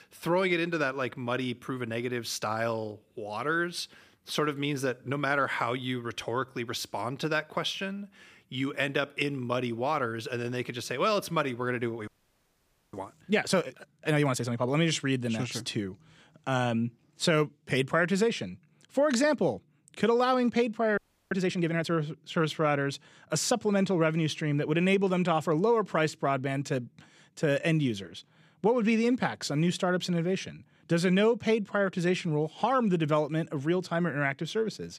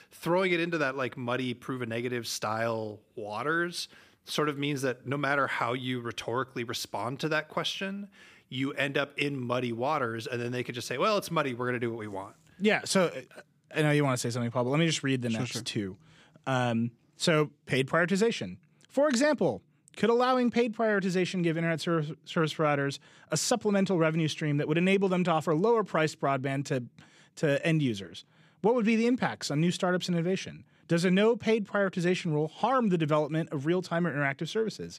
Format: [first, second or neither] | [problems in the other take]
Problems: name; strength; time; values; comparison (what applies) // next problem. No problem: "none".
second | audio freezing; at 12 s for 1 s and at 21 s